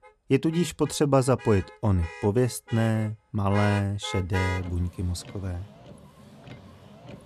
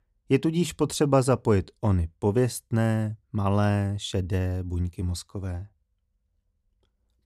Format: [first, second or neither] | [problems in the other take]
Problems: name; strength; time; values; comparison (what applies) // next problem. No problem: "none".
second | traffic noise; noticeable; throughout; 15 dB below the speech